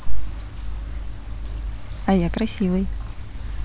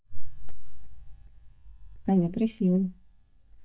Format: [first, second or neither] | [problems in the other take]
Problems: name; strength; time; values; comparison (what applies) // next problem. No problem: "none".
first | noise reduction (neural mask model DeepFilterNet 3)